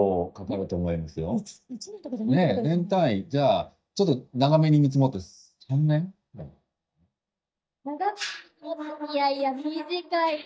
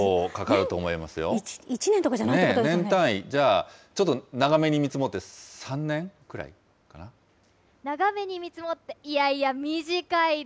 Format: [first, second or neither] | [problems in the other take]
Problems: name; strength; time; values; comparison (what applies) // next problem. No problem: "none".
second | noise reduction (neural mask model DeepFilterNet 3)